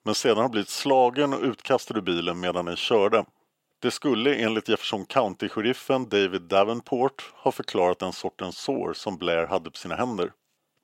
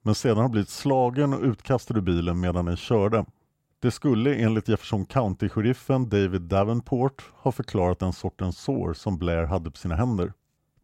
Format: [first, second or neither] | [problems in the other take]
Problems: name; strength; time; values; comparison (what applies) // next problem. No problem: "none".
second | thin; somewhat; fading below 350 Hz